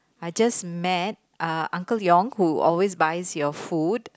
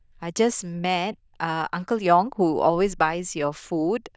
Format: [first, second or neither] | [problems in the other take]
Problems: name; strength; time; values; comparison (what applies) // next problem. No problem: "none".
first | noise reduction (neural diffusion model UNIVERSE++)